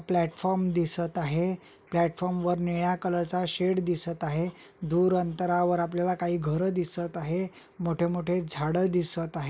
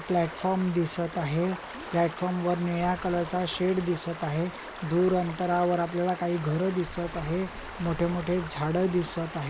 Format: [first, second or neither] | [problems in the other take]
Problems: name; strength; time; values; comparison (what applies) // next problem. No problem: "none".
first | background sound (Stream); 12 dB below the speech